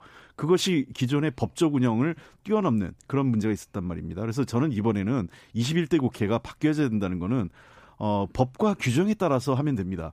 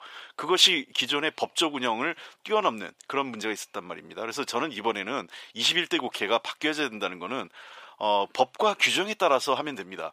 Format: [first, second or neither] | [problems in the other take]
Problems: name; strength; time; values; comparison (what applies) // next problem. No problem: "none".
first | thin; very; fading below 650 Hz